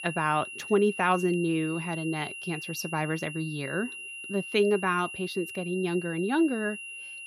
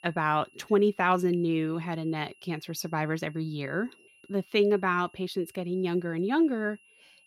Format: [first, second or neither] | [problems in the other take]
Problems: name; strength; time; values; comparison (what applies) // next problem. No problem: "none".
second | high-pitched whine; loud; throughout; 3 kHz, 9 dB below the speech; faint in the second